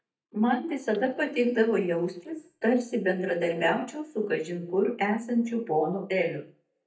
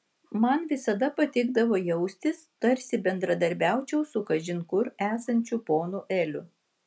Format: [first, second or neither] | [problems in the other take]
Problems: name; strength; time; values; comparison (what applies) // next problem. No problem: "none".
second | noise reduction (neural mask model DeepFilterNet 3)